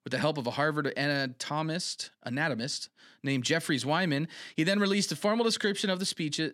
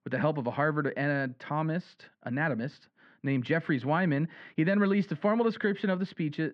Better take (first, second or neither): first